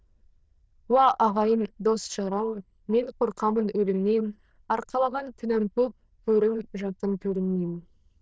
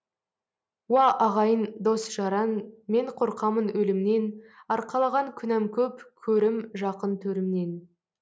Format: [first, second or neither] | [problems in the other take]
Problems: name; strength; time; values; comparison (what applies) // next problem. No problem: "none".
second | noise reduction (neural diffusion model UNIVERSE++)